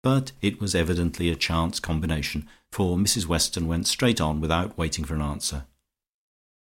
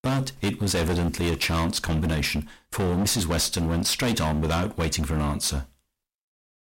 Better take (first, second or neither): first